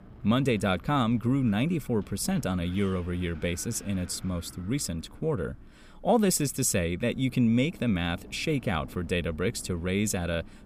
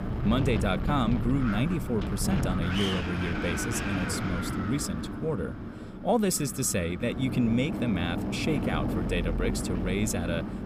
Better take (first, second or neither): first